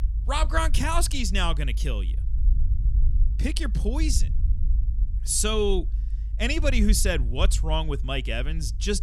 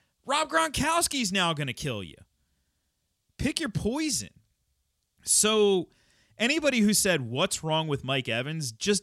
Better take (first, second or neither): second